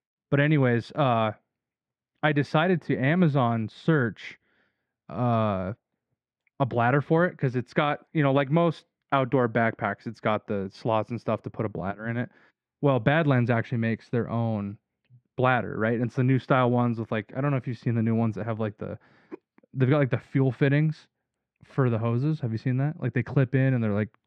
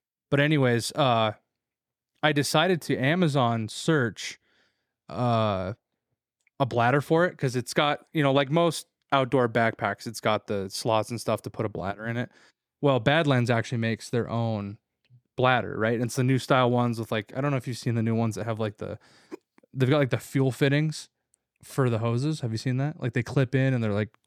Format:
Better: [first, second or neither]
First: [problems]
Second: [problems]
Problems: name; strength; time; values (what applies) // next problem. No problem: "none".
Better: second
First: muffled; slightly; fading above 2 kHz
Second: none